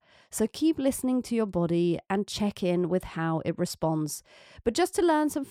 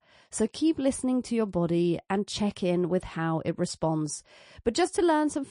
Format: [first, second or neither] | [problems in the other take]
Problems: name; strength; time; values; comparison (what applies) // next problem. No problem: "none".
first | garbled, watery; slightly; nothing above 10.5 kHz